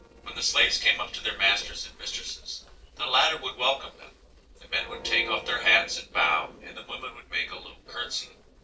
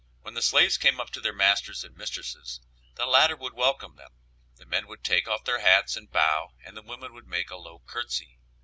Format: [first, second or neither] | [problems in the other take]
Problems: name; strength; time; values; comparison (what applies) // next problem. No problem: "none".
second | noise reduction (neural separator model SepFormer DNS4)